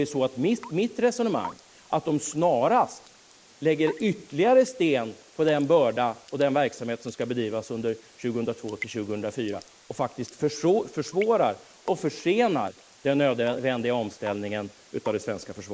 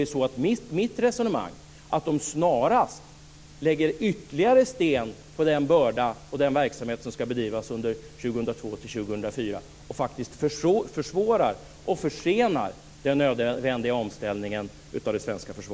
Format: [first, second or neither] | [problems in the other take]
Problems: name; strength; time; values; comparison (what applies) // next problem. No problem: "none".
second | noise reduction (neural mask model Resemble Enhance denoiser)